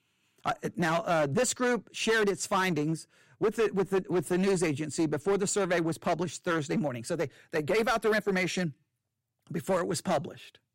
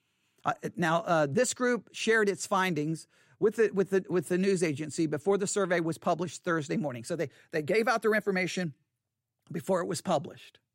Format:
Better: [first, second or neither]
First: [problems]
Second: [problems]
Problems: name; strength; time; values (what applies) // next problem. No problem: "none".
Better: second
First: distortion; slight; 9% of the sound clipped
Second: none